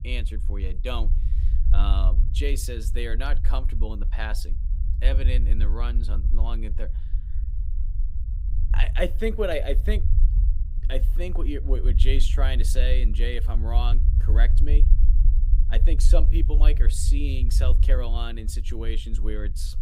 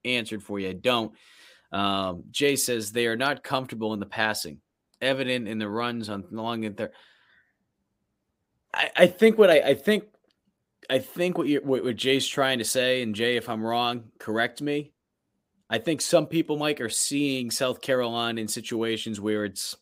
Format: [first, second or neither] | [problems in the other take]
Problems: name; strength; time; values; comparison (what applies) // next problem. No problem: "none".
second | low rumble; noticeable; throughout; 10 dB below the speech